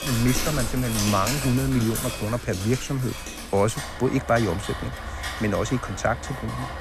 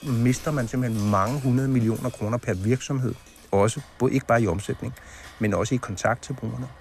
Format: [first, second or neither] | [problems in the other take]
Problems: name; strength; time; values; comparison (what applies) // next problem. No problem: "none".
second | rain or running water; loud; throughout; 5 dB below the speech; faint in the second